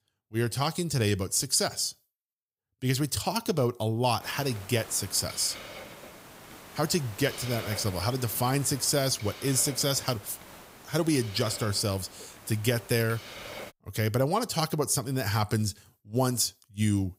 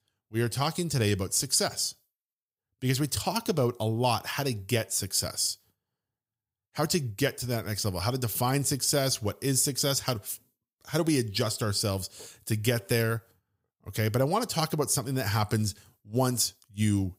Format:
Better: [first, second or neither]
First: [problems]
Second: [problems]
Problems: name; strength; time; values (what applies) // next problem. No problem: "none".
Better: second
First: hiss; noticeable; from 4 to 14 s; 15 dB below the speech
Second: none